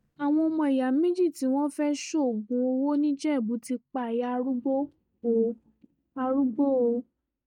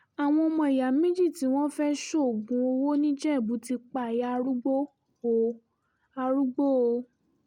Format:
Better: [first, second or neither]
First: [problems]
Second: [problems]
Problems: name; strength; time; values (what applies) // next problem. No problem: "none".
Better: second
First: noise reduction (neural mask model DeepFilterNet 3)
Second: none